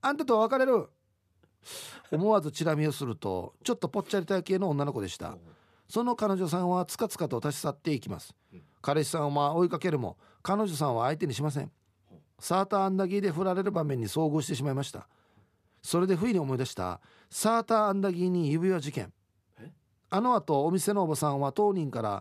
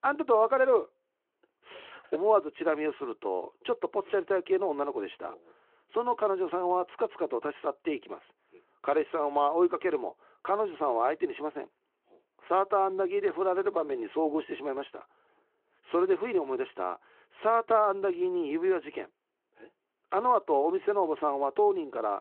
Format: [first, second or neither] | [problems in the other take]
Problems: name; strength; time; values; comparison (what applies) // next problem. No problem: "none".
first | phone-call audio